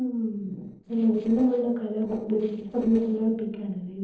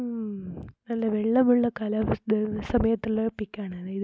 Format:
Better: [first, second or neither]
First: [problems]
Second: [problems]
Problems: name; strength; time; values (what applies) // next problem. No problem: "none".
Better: second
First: noise reduction (neural separator model SepFormer DNS4)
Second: none